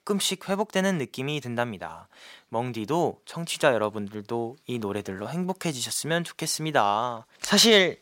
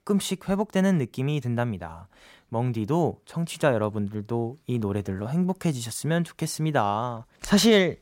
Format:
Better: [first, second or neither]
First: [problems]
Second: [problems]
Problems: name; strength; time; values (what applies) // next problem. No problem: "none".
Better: second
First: thin; very slightly; fading below 900 Hz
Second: none